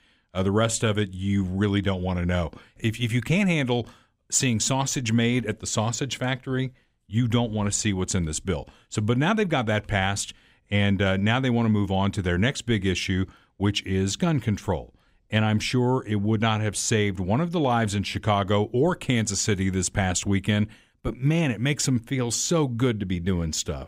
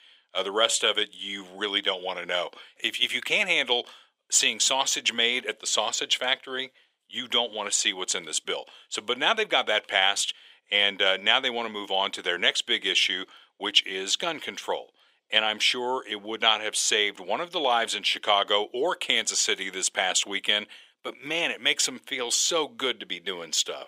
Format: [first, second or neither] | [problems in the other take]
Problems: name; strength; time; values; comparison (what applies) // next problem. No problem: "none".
first | thin; very; fading below 450 Hz